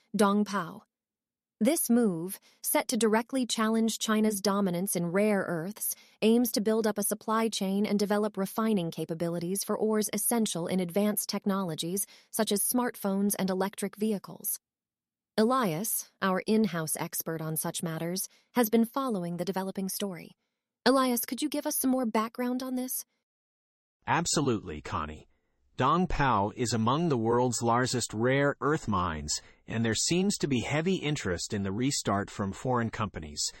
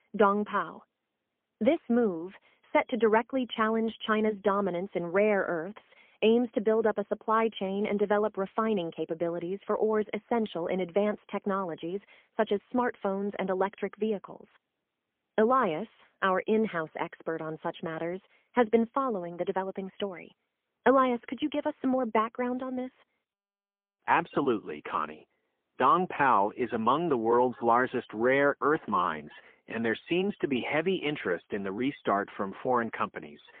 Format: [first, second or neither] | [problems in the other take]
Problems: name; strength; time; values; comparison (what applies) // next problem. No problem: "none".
first | phone-call audio; poor line; nothing above 3.5 kHz